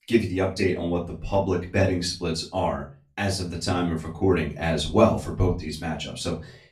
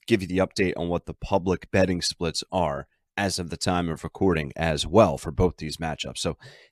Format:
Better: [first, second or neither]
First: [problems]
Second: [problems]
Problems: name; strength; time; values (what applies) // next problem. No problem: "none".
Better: second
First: off-mic speech; far // room echo; very slight; dies away in 0.3 s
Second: none